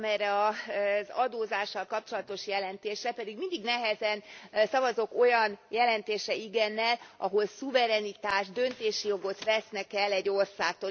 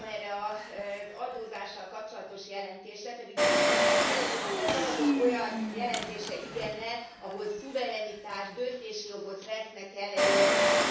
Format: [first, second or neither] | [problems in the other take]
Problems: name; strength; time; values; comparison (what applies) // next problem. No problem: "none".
first | background sound (Engine); 4 dB above the speech // room echo; dies away in 0.7 s